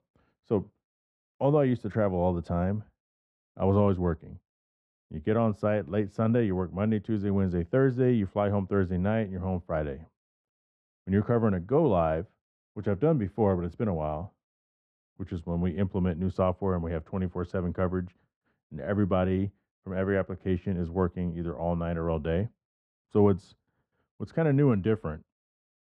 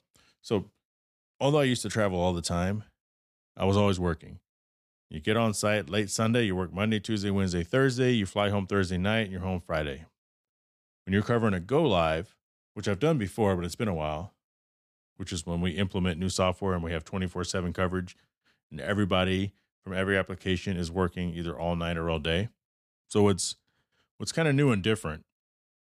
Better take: second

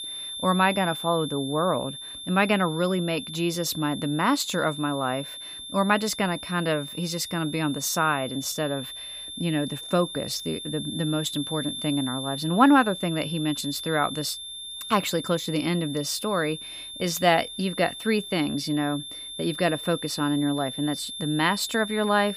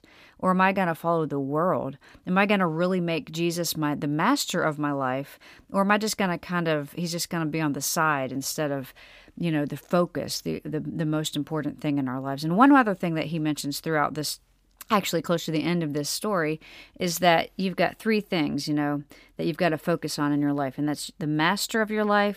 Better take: second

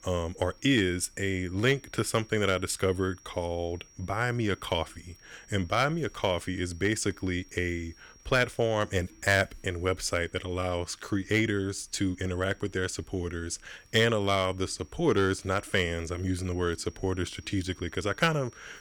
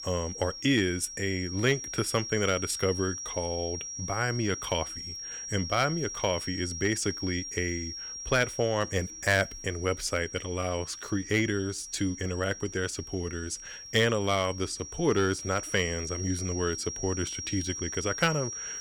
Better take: first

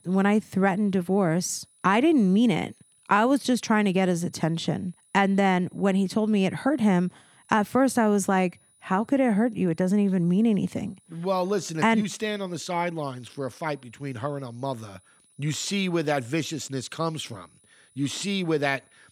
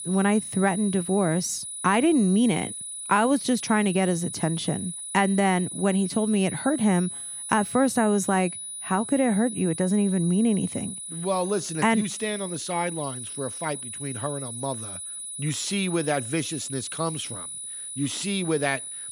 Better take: first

